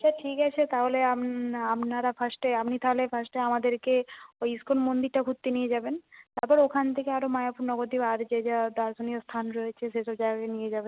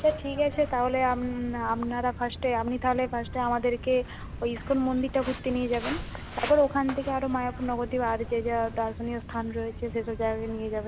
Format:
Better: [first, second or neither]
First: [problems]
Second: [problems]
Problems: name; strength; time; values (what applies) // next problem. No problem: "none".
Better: first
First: none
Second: background sound (Walk, footsteps); 11 dB below the speech